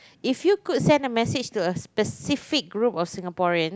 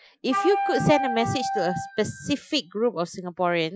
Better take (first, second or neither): first